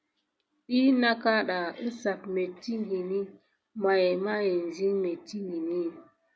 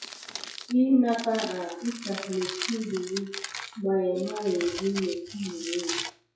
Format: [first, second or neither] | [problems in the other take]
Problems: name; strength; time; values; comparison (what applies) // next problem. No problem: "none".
first | noise reduction (classical method WPE with log-MMSE)